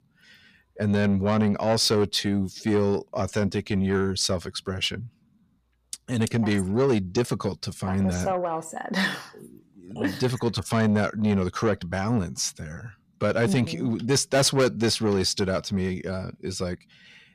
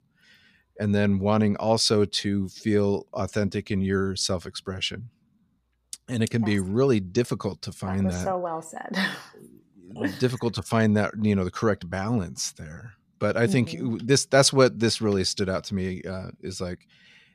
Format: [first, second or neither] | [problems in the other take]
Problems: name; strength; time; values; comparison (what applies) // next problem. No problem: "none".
second | distortion; slight; 10 dB below the speech